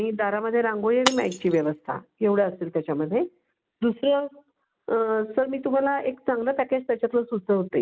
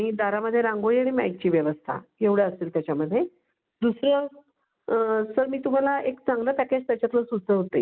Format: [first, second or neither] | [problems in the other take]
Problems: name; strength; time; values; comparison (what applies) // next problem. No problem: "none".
second | background sound (Shatter); 11 dB below the speech